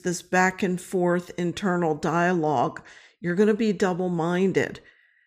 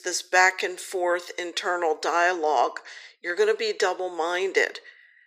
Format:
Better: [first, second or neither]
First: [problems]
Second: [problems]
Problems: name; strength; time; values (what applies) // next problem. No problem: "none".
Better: first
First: none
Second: thin; very; fading below 400 Hz